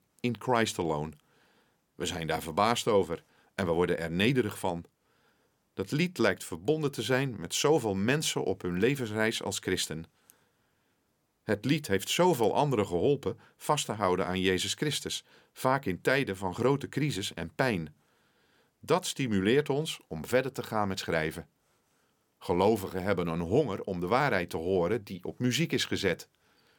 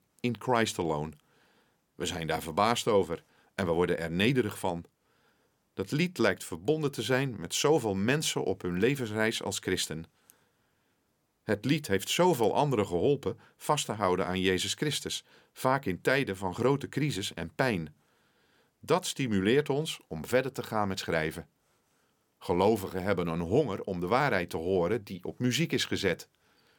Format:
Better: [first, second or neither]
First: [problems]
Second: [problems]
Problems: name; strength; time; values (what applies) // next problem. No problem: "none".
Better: neither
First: none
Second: none